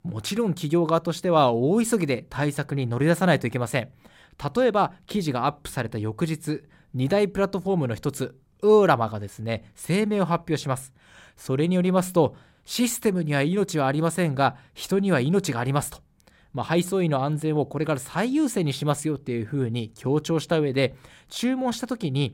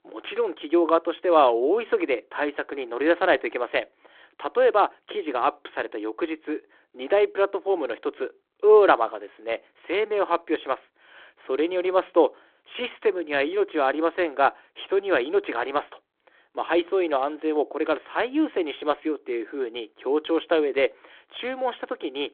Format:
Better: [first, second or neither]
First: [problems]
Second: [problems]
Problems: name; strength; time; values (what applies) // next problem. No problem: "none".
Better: first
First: none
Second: phone-call audio